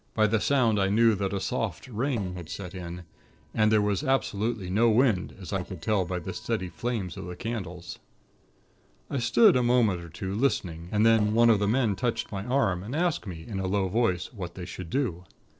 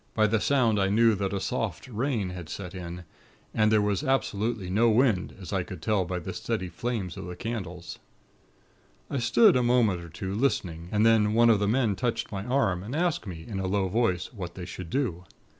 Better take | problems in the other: second | noise reduction (neural separator model SepFormer DNS4)

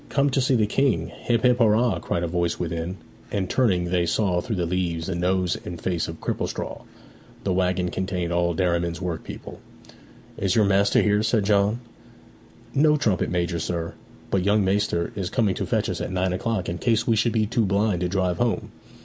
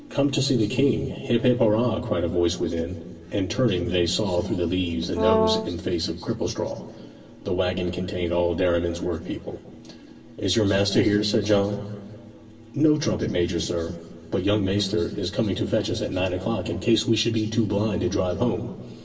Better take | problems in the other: first | background sound (Brass instrument); as loud as the speech // room echo; dies away in 1.7 s

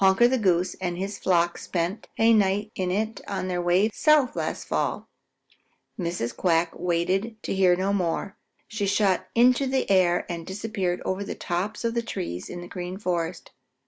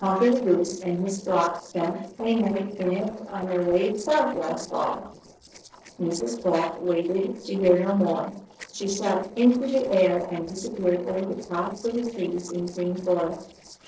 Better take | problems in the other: first | noise reduction (neural separator model SepFormer DNS4)

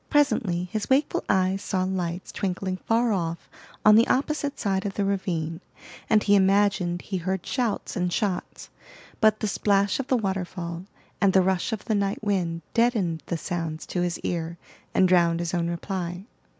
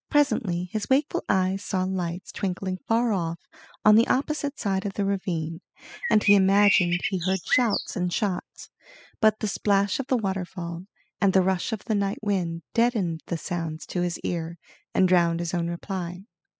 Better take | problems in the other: first | noise reduction (classical method spectral subtraction)

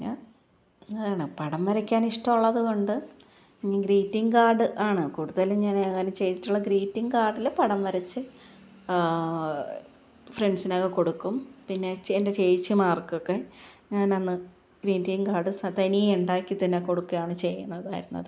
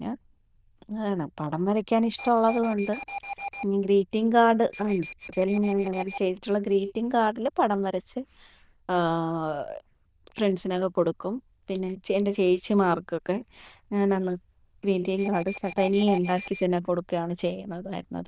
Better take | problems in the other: first | noise reduction (neural diffusion model UNIVERSE++)

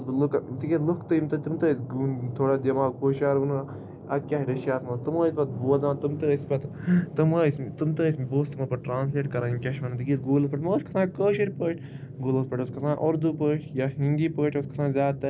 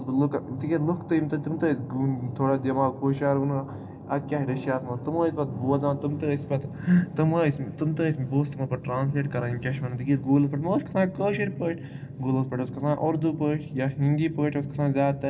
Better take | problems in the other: first | room echo; dies away in 0.6 s

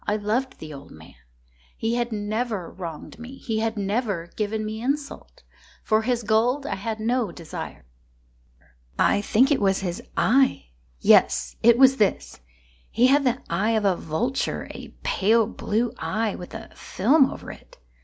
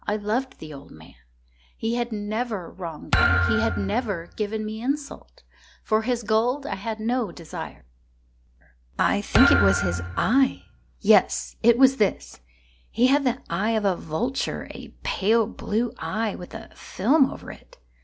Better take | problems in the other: first | background sound (Thump, thud); 1 dB below the speech

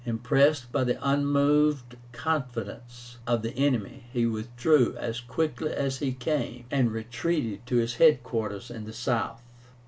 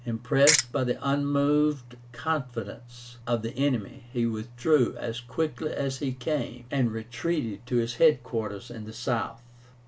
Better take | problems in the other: first | background sound (Ratchet, pawl); 3 dB above the speech

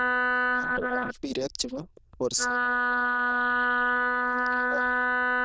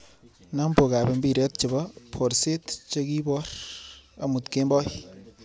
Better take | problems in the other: second | noise reduction (neural diffusion model UNIVERSE++)

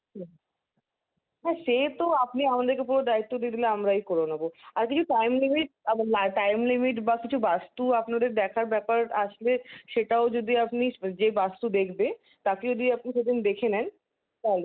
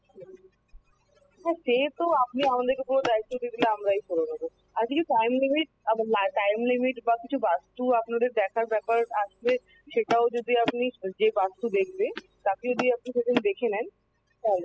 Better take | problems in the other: first | noise reduction (classical method spectral subtraction)

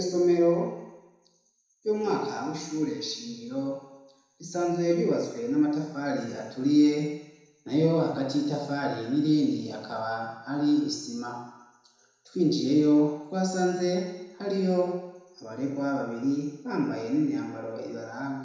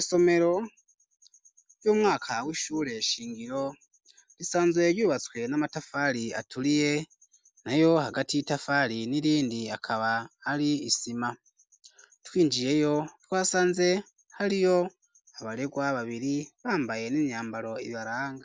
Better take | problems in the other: second | room echo; dies away in 1 s

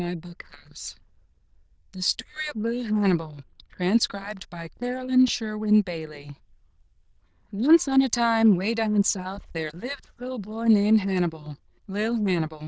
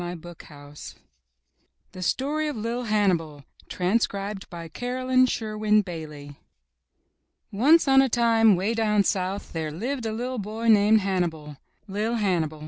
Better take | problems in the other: second | noise reduction (neural diffusion model UNIVERSE++)

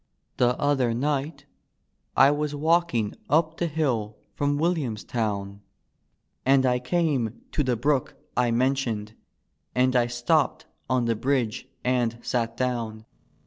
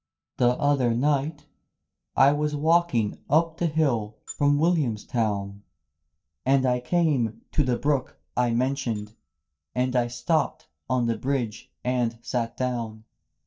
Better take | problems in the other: first | noise reduction (neural mask model DeepFilterNet 3)

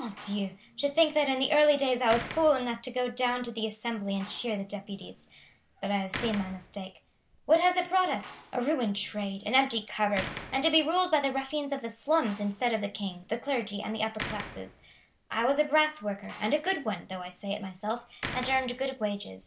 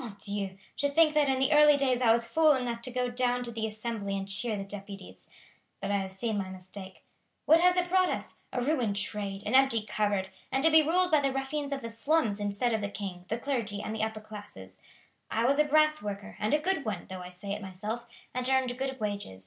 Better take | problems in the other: second | background sound (Slam); 16 dB below the speech

